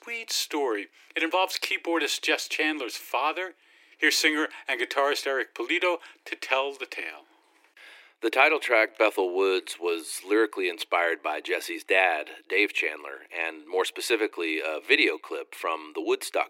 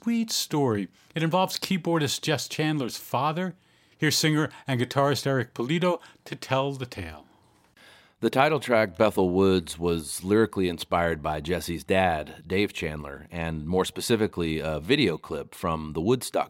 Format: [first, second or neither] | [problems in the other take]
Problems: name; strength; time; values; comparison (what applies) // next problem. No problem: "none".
second | thin; very; fading below 300 Hz